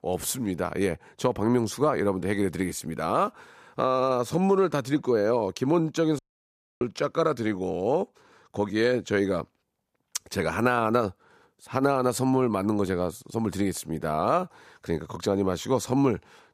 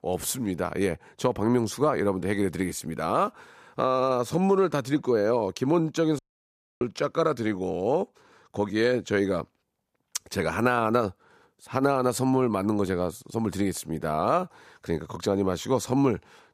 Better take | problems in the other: neither | audio cutting out; at 6 s for 0.5 s; the same in both

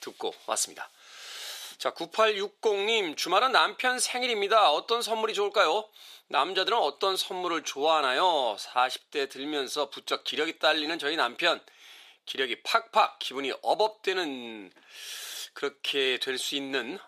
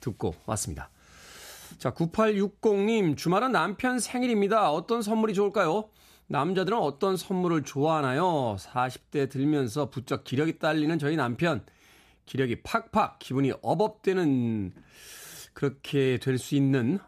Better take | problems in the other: second | thin; very; fading below 450 Hz

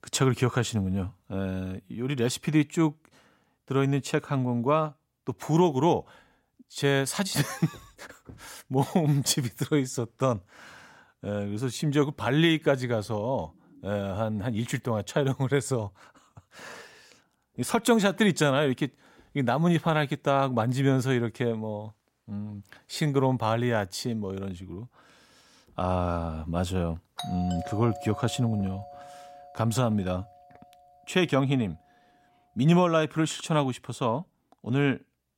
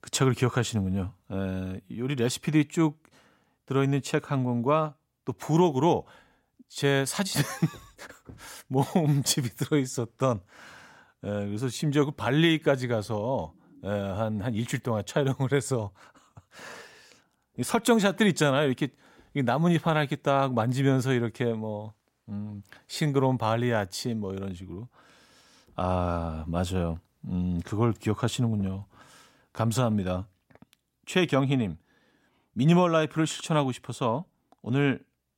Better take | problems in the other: second | doorbell; noticeable; from 27 to 30 s; peak 10 dB below the speech

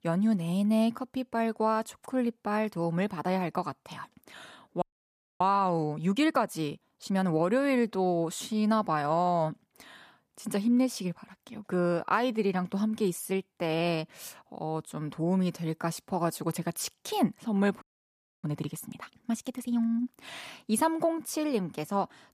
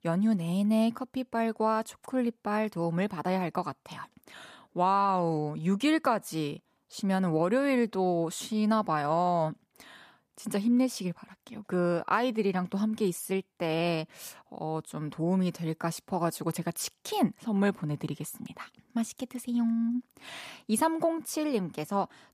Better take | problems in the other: second | audio freezing; at 5 s for 0.5 s and at 18 s for 0.5 s

